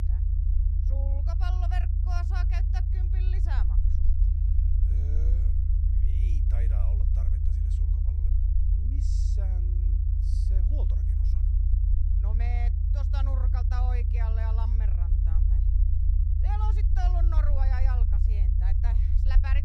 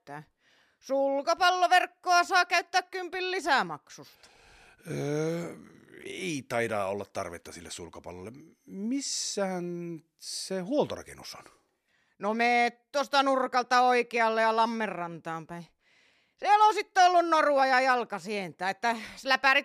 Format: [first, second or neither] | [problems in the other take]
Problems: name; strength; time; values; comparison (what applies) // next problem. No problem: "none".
second | low rumble; loud; throughout; 3 dB below the speech